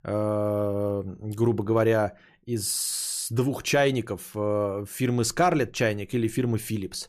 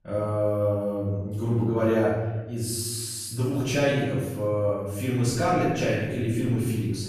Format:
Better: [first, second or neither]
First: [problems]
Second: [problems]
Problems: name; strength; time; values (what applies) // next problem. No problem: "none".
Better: first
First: none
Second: off-mic speech; far // room echo; strong; dies away in 1.3 s